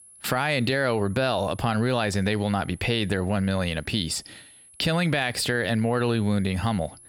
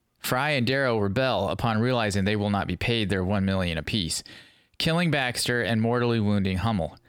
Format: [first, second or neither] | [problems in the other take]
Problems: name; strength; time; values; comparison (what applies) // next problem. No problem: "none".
second | high-pitched whine; faint; throughout; 10.5 kHz, 25 dB below the speech